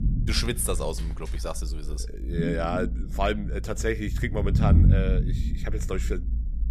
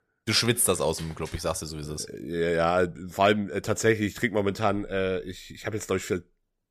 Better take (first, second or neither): second